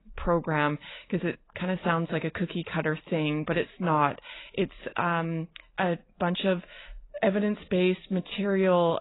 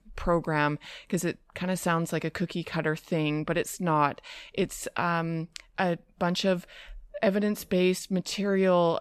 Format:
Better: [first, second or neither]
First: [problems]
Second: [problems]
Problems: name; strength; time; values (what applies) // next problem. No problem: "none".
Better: second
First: garbled, watery; badly; nothing above 4 kHz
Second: none